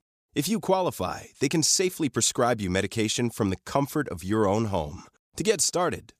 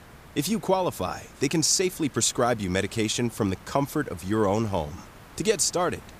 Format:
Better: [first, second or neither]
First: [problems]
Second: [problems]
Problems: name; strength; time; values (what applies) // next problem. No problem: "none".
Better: first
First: none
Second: hiss; faint; throughout; 20 dB below the speech